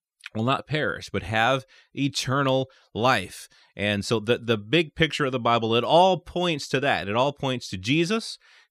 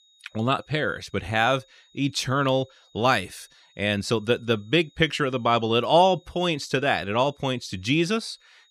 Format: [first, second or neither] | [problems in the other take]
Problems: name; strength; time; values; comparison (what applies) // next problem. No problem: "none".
first | high-pitched whine; faint; throughout; 4 kHz, 35 dB below the speech